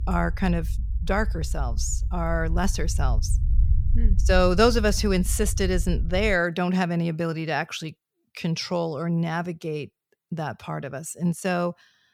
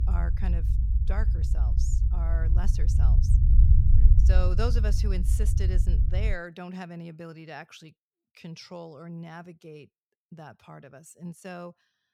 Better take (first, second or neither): first